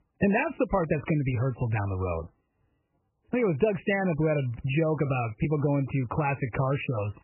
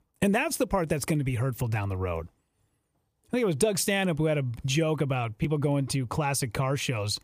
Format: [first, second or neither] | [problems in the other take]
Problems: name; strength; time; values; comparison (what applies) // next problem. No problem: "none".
second | garbled, watery; badly; nothing above 3 kHz